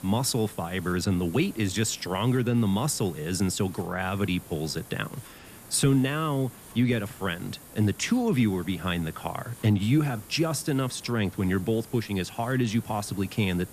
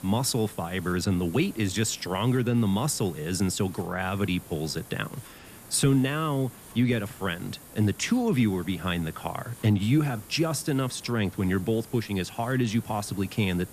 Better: neither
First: hiss; noticeable; throughout; 20 dB below the speech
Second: hiss; noticeable; throughout; 20 dB below the speech

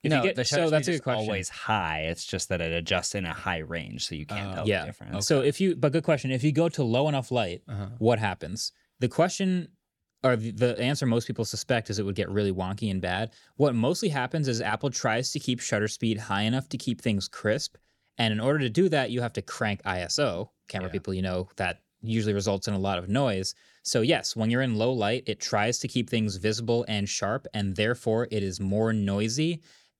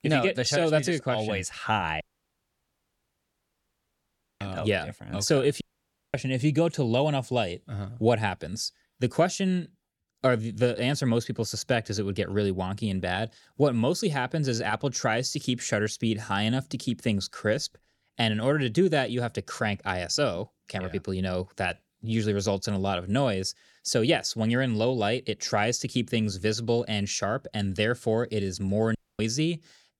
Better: first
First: none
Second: audio cutting out; at 2 s for 2.5 s, at 5.5 s for 0.5 s and at 29 s

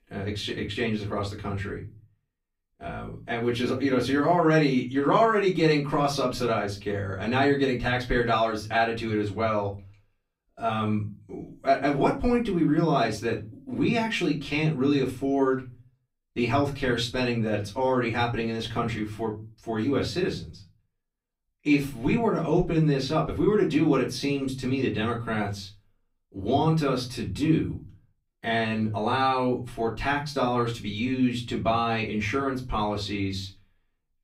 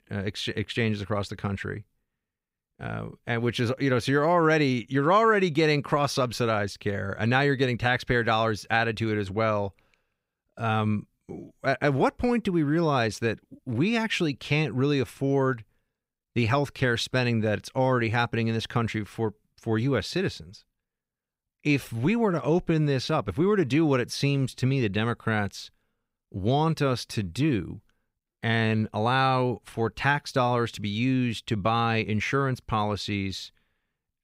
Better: second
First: off-mic speech; far // room echo; very slight; dies away in 0.3 s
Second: none

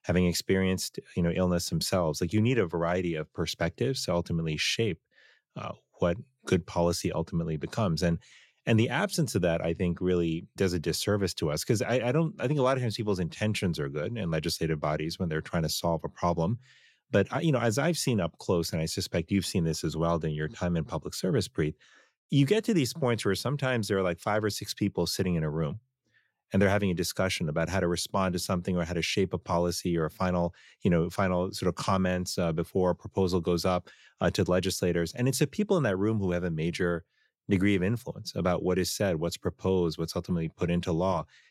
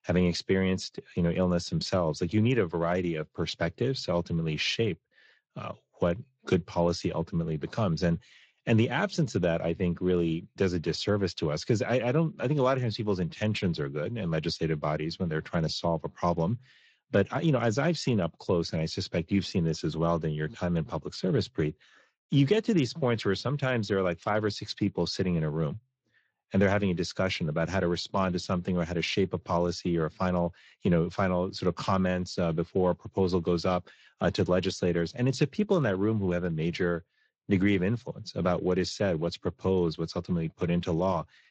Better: first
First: none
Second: garbled, watery; slightly; nothing above 7.5 kHz

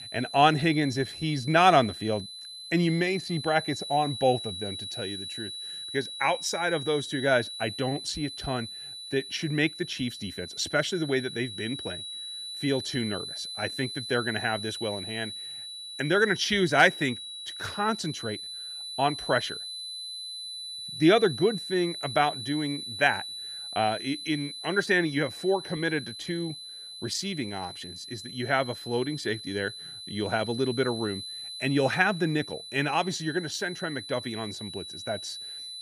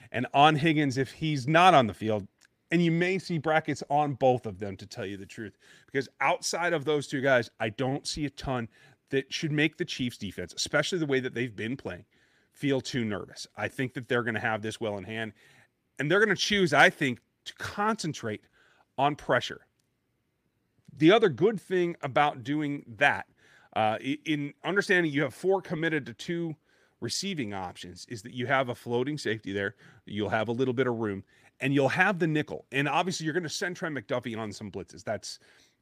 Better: second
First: high-pitched whine; loud; throughout; 4 kHz, 9 dB below the speech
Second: none

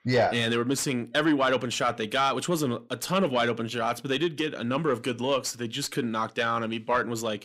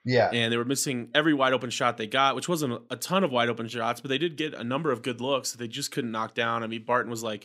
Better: second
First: distortion; slight; 10 dB below the speech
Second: none

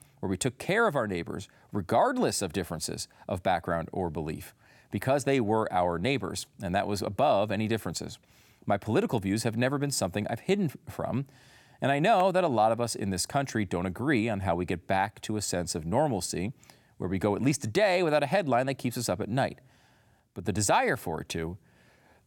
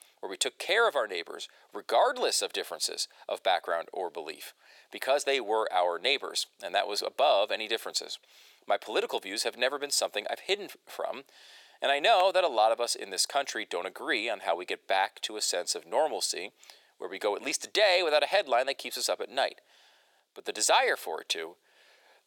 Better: first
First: none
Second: thin; very; fading below 450 Hz

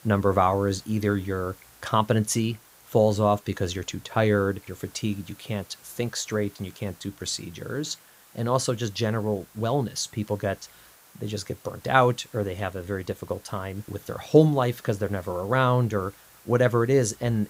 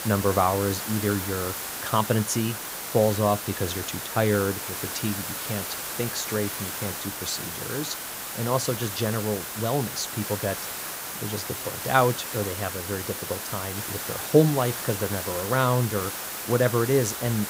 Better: first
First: hiss; faint; throughout; 25 dB below the speech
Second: hiss; loud; throughout; 4 dB below the speech

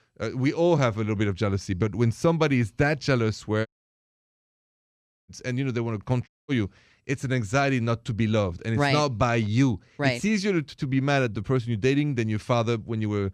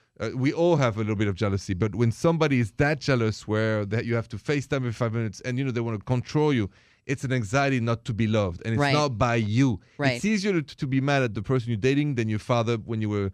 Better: second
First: audio cutting out; at 3.5 s for 1.5 s and at 6.5 s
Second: none

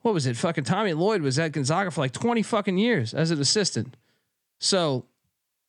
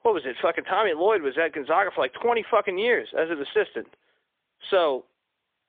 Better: first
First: none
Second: phone-call audio; poor line

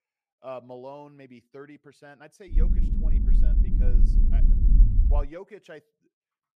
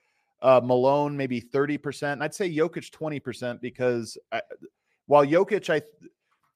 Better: second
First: low rumble; loud; from 2.5 to 5 s; 1 dB below the speech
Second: none

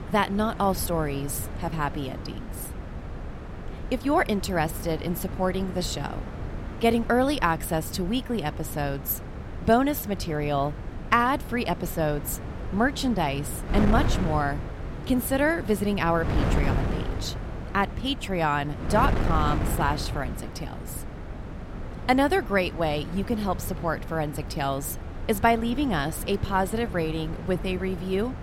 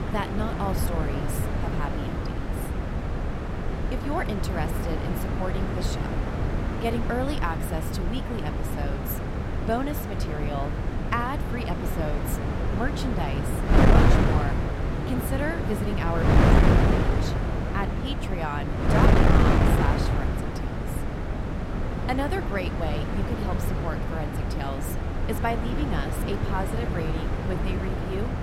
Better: first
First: wind noise on the microphone; occasional gusts; 10 dB below the speech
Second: wind noise on the microphone; heavy; 2 dB above the speech

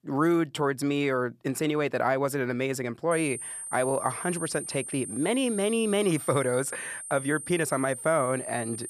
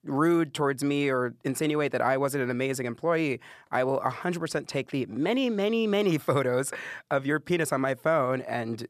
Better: second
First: high-pitched whine; loud; from 3 s on; 9 kHz, 8 dB below the speech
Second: none

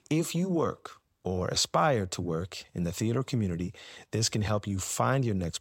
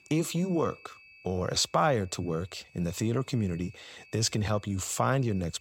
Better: first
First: none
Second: high-pitched whine; faint; throughout; 2.5 kHz, 25 dB below the speech

